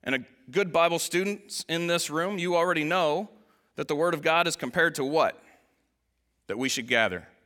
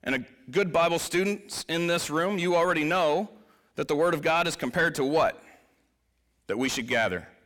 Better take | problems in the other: first | distortion; slight; 10 dB below the speech

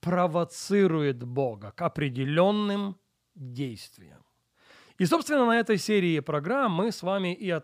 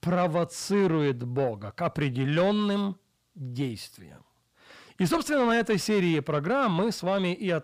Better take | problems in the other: first | distortion; slight; 10 dB below the speech

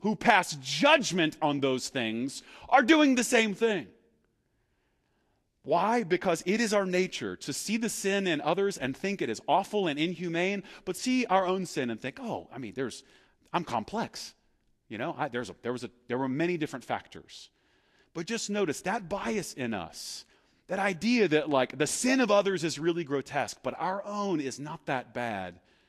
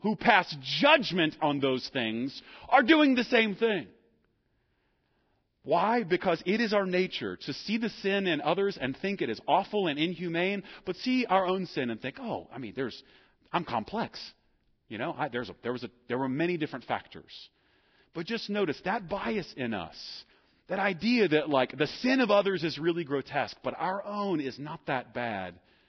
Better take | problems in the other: first | garbled, watery; badly; nothing above 5.5 kHz; slightly in the first

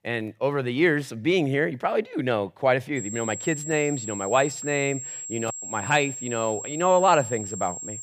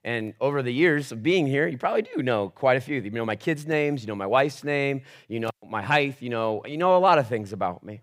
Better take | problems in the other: second | high-pitched whine; loud; from 3 s on; 7.5 kHz, 8 dB below the speech

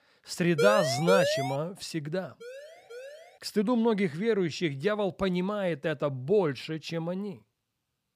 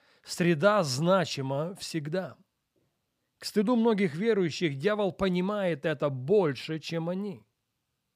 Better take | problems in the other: second | siren; loud; at 0.5 s; peak 2 dB above the speech // siren; faint; at 2.5 s; peak 15 dB below the speech

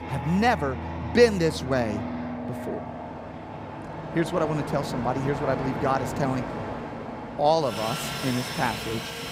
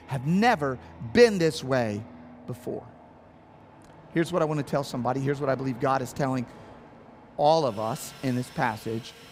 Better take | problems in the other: second | train or aircraft noise; loud; throughout; 7 dB below the speech; faint in the second

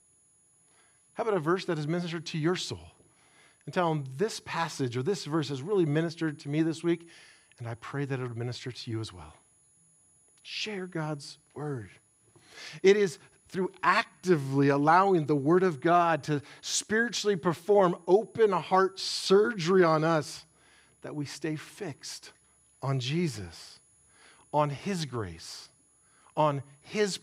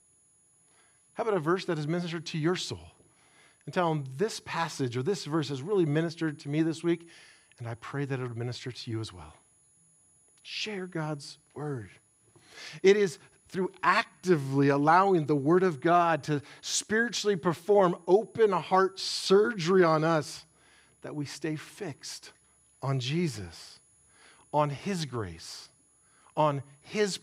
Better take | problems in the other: neither | high-pitched whine; faint; throughout; 10 kHz, 35 dB below the speech; the same in both

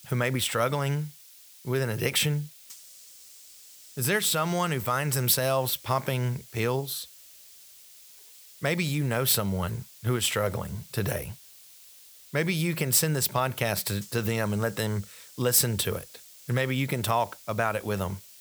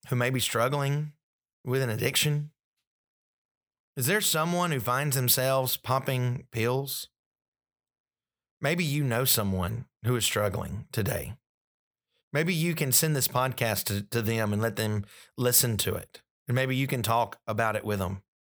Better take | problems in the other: second | hiss; faint; throughout; 20 dB below the speech

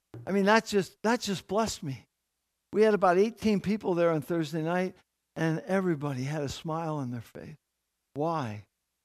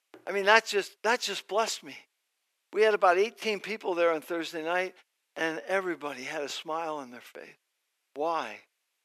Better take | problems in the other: first | thin; very; fading below 400 Hz

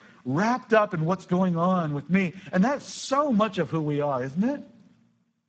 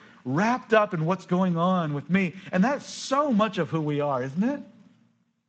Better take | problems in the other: second | garbled, watery; badly; nothing above 8 kHz; slightly in the second

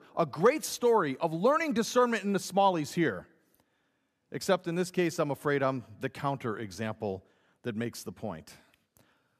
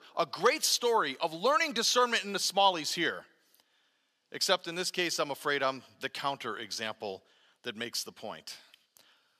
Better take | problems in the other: first | thin; somewhat; fading below 1 kHz

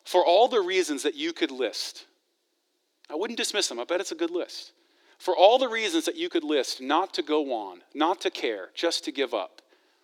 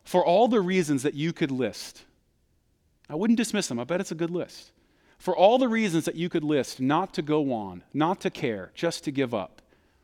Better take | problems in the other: second | thin; somewhat; fading below 350 Hz

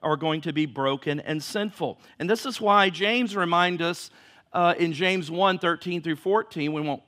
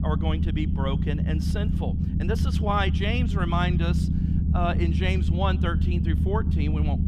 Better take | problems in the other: first | low rumble; loud; throughout; 6 dB below the speech

